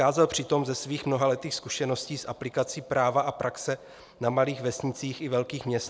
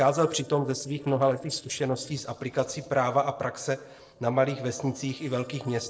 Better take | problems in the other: first | noise reduction (neural separator model SepFormer DNS4)

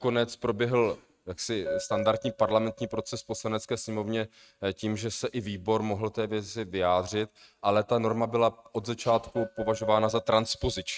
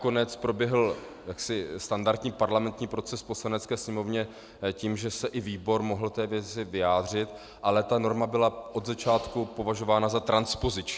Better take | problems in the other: second | noise reduction (neural mask model RNNoise)

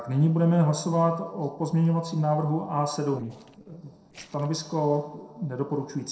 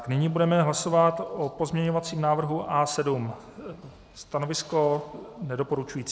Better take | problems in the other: second | noise reduction (neural separator model SepFormer DNS4)

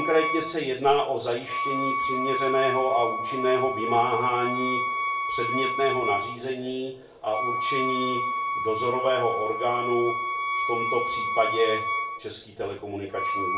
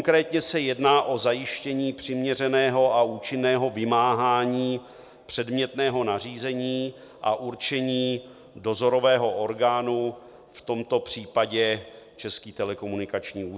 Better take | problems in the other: second | background sound (Wind instrument, woodwind instrument); 2 dB below the speech // room echo; dies away in 0.3 s

